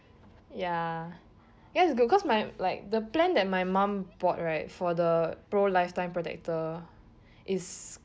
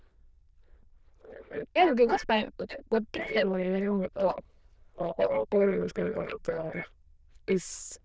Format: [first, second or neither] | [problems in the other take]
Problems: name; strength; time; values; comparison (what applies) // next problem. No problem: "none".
first | noise reduction (neural diffusion model UNIVERSE++)